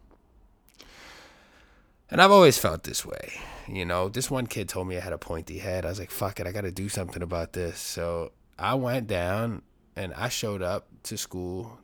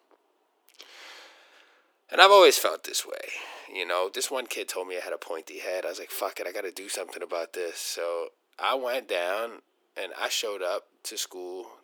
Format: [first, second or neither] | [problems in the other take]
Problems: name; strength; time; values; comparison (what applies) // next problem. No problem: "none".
first | thin; very; fading below 350 Hz